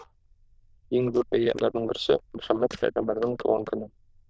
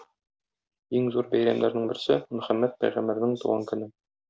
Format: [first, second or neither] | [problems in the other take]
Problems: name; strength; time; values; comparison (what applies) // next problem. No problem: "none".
second | noise reduction (neural diffusion model UNIVERSE++)